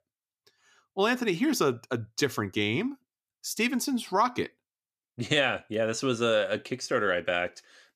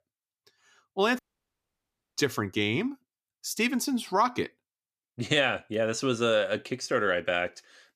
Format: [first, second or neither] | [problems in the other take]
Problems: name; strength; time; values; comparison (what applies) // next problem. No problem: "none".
first | audio cutting out; at 1 s for 1 s